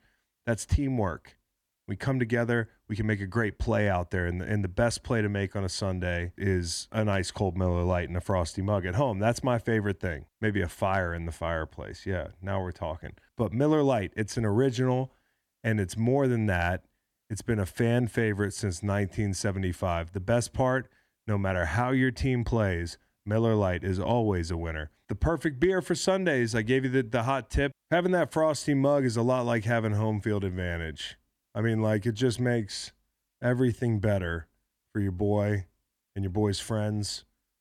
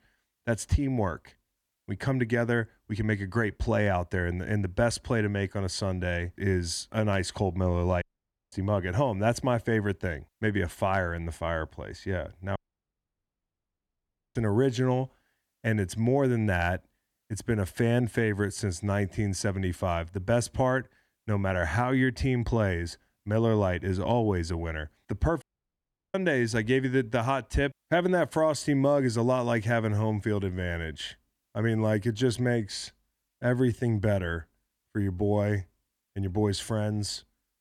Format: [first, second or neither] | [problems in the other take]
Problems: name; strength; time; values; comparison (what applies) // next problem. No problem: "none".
first | audio cutting out; at 8 s for 0.5 s, at 13 s for 2 s and at 25 s for 0.5 s